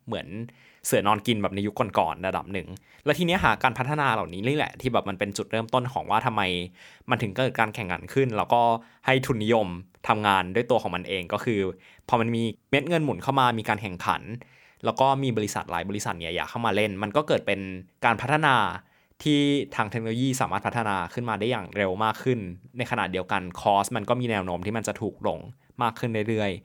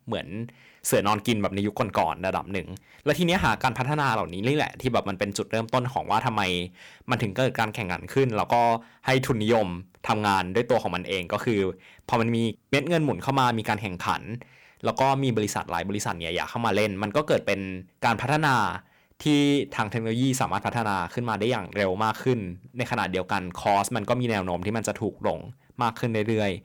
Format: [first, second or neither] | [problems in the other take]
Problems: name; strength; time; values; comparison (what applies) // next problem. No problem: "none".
first | distortion; slight; 2% of the sound clipped